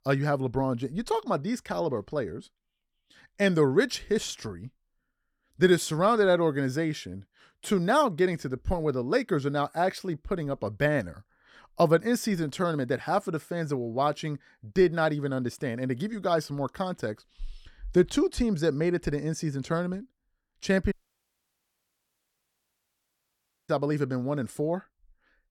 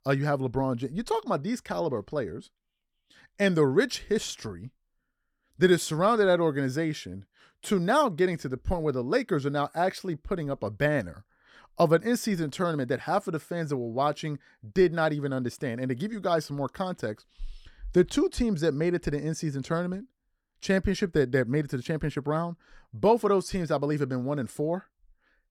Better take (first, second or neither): second